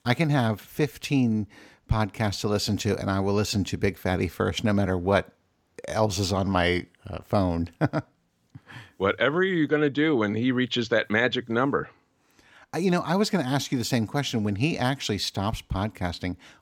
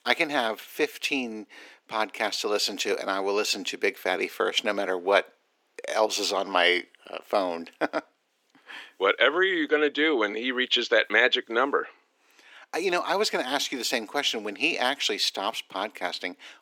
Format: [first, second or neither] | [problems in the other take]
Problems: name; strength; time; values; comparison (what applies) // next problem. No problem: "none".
first | thin; somewhat; fading below 350 Hz